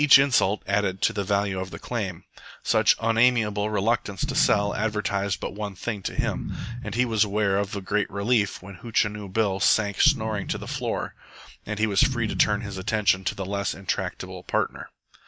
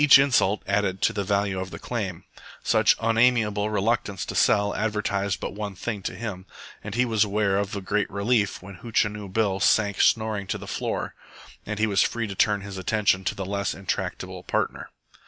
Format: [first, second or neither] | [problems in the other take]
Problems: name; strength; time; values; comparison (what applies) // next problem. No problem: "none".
second | noise reduction (neural mask model DeepFilterNet 3)